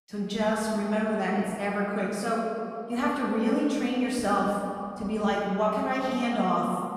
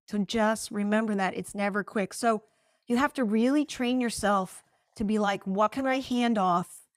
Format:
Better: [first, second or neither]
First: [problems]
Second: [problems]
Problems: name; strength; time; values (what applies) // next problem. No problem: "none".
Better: second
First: off-mic speech; far // room echo; noticeable; dies away in 2.2 s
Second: none